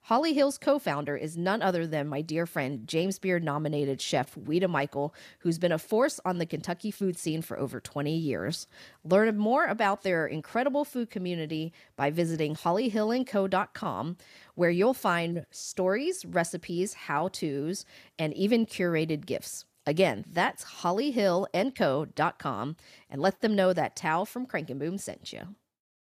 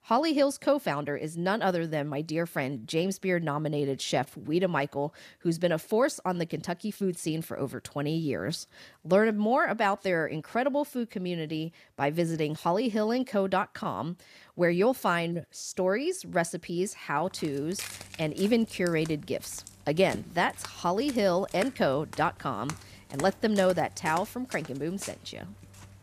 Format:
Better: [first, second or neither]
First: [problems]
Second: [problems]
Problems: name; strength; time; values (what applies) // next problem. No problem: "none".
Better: first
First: none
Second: footsteps; noticeable; from 17 s on; peak 9 dB below the speech